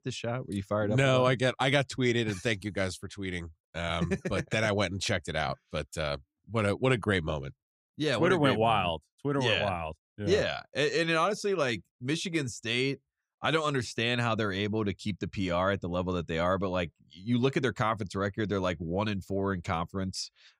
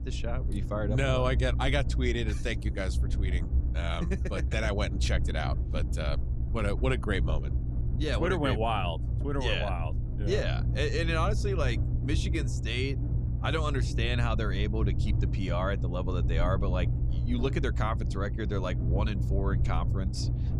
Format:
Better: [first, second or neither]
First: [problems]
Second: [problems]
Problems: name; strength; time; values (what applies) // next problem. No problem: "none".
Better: first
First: none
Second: low rumble; noticeable; throughout; 10 dB below the speech